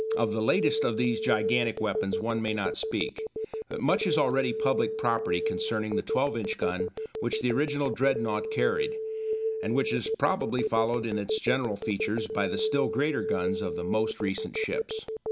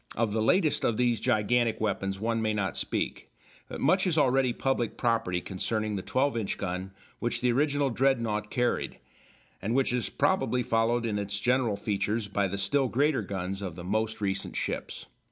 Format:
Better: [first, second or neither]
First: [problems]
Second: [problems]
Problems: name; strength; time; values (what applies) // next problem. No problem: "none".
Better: second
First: background sound (Telephone); 2 dB below the speech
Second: none